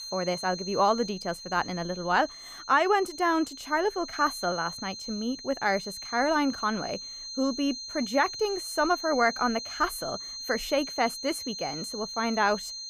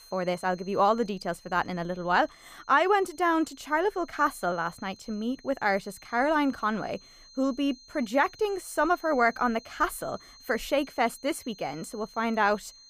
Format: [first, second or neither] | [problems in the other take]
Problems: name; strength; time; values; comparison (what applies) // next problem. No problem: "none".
second | high-pitched whine; loud; throughout; 4 kHz, 9 dB below the speech; faint in the second